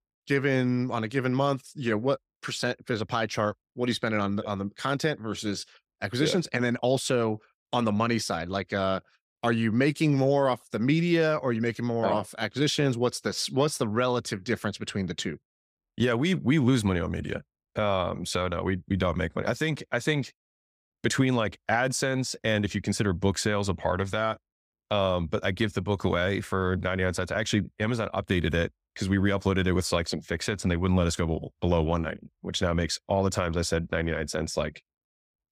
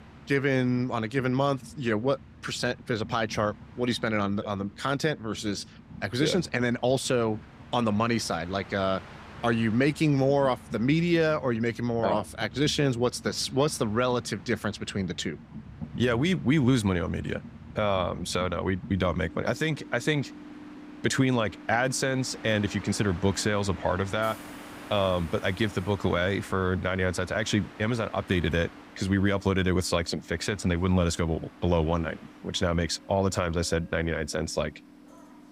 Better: first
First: none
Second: train or aircraft noise; noticeable; throughout; 20 dB below the speech

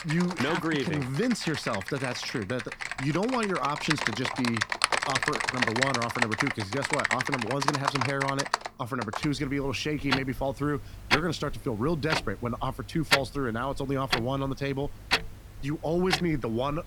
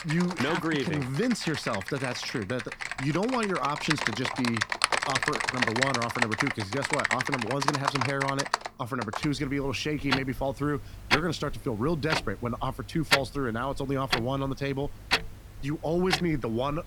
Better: neither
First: household noises; very loud; throughout; as loud as the speech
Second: household noises; very loud; throughout; as loud as the speech

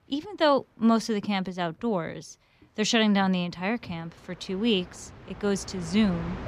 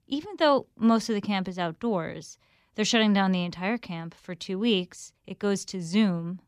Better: second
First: train or aircraft noise; noticeable; throughout; 20 dB below the speech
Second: none

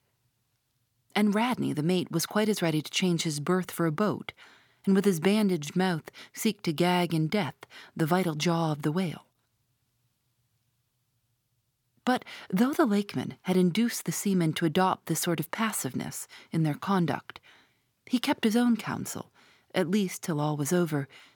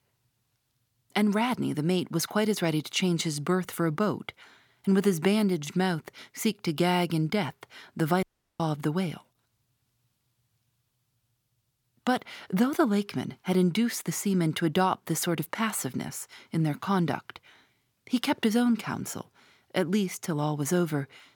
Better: first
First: none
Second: audio cutting out; at 8 s

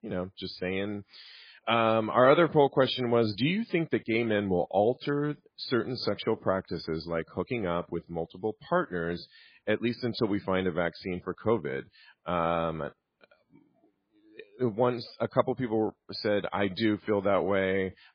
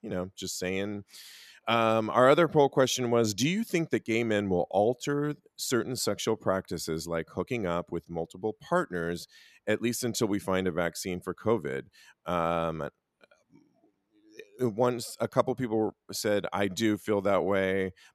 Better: second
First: garbled, watery; badly; nothing above 4.5 kHz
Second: none

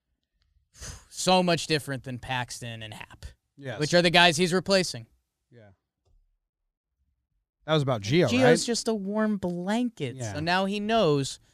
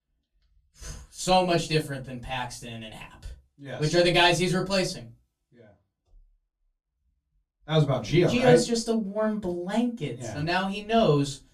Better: first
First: none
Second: off-mic speech; far // room echo; very slight; dies away in 0.2 s

